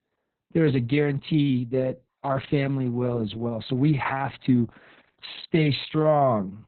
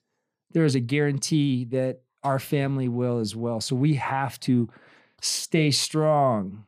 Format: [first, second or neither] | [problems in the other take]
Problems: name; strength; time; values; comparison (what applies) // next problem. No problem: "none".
second | garbled, watery; badly; nothing above 4 kHz